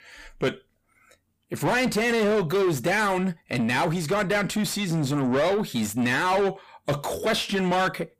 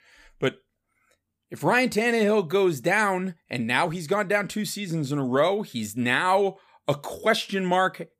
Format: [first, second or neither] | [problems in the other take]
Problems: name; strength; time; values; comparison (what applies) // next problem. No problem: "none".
second | distortion; heavy; 7 dB below the speech